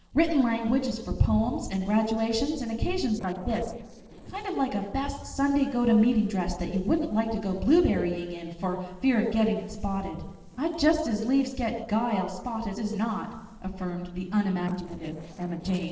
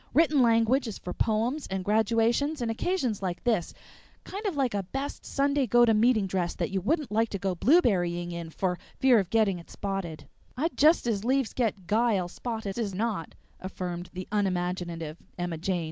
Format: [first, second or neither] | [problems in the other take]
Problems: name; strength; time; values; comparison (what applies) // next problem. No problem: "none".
second | noise reduction (neural separator model SepFormer DNS4)